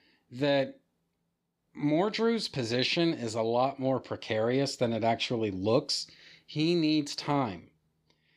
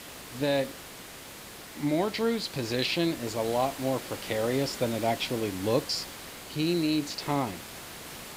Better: first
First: none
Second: hiss; noticeable; throughout; 10 dB below the speech

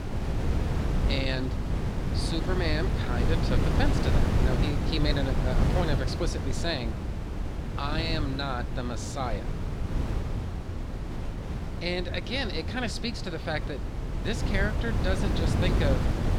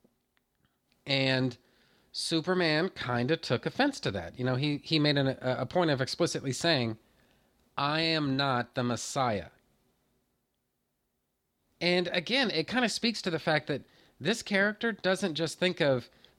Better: second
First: wind noise on the microphone; heavy; 4 dB below the speech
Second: none

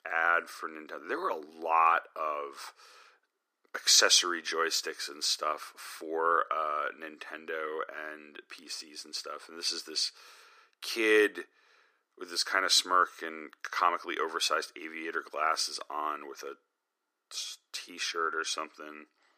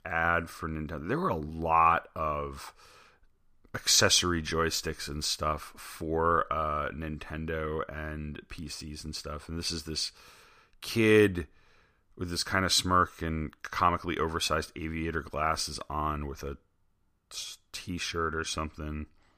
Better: second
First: thin; very; fading below 350 Hz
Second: none

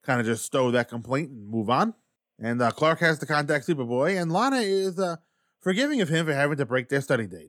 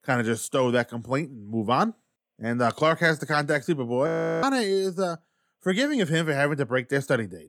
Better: first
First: none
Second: audio freezing; at 4 s

